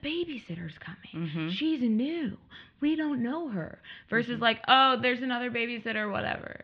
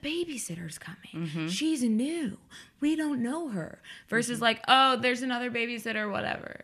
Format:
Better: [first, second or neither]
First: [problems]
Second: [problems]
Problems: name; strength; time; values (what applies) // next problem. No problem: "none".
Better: second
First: muffled; slightly; fading above 4 kHz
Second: none